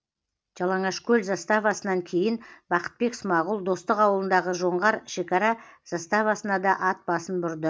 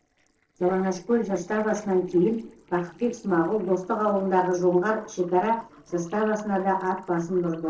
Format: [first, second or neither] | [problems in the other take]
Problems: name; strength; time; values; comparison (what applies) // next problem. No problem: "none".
first | noise reduction (neural separator model SepFormer DNS4)